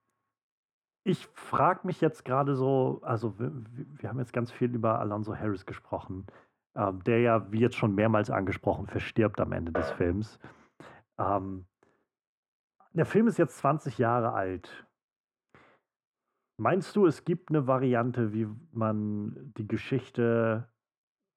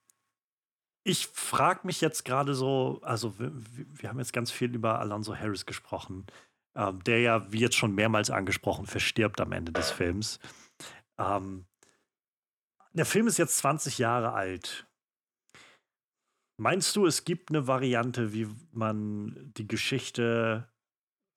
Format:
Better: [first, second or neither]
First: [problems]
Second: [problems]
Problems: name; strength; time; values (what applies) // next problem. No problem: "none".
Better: second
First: muffled; very; fading above 2.5 kHz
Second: none